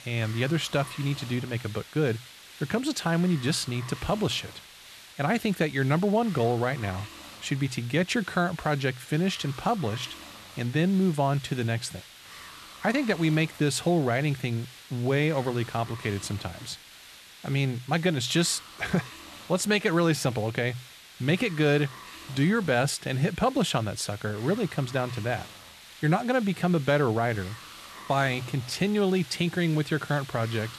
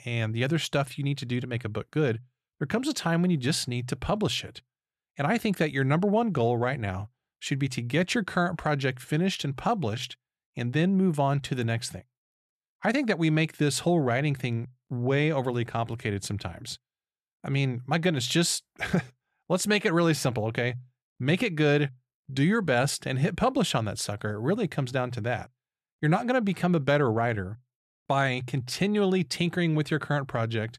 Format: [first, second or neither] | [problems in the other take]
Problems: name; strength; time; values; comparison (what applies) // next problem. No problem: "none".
second | hiss; noticeable; throughout; 15 dB below the speech